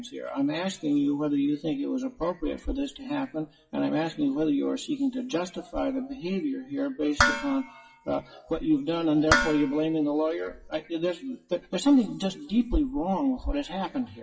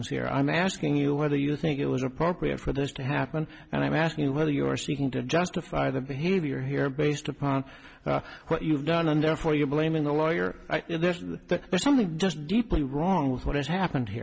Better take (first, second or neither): second